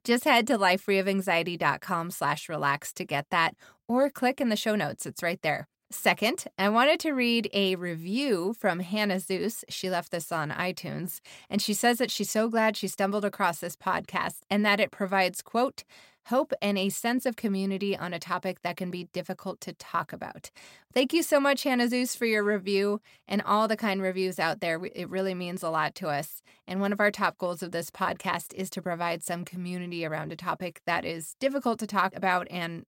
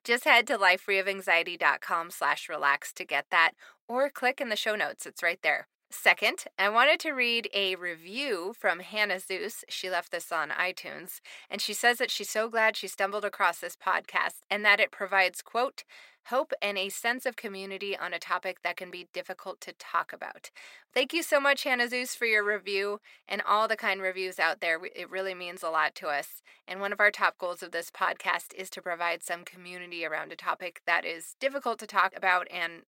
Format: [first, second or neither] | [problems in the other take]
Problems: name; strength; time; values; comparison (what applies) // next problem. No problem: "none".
first | thin; somewhat; fading below 450 Hz